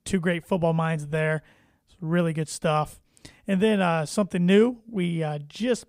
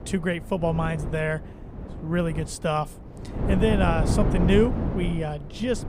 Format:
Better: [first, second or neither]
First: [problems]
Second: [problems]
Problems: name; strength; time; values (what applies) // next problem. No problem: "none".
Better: first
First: none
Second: wind noise on the microphone; heavy; 7 dB below the speech